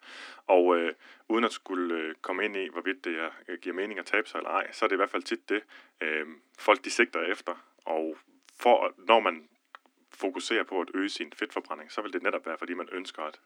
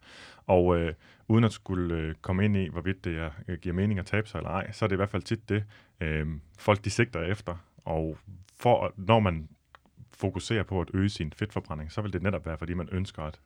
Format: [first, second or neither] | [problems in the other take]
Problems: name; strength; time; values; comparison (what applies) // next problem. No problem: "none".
second | thin; somewhat; fading below 250 Hz